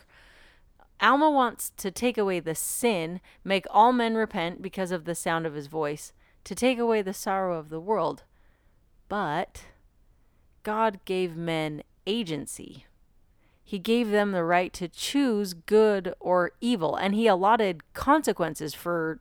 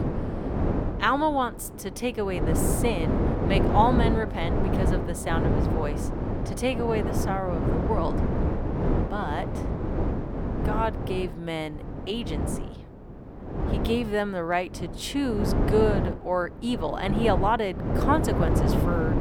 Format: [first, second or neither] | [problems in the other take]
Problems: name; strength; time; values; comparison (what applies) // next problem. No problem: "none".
first | wind noise on the microphone; heavy; 4 dB below the speech